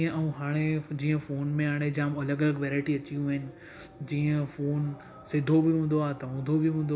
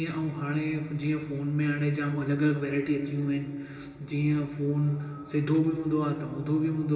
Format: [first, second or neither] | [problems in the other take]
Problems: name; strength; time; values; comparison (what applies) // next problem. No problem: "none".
first | room echo; dies away in 2.4 s